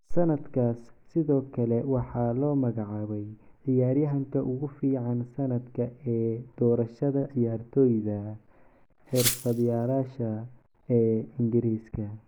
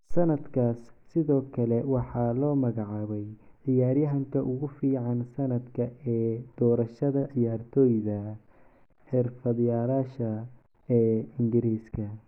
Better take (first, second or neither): second